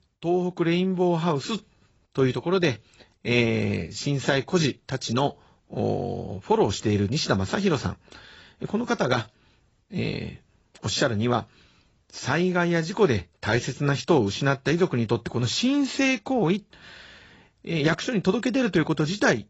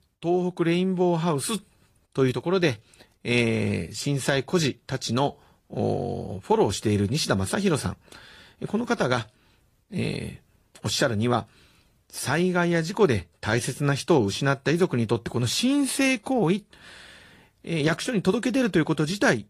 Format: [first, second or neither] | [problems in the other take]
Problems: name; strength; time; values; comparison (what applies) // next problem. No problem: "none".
second | garbled, watery; badly; nothing above 7.5 kHz; slightly in the second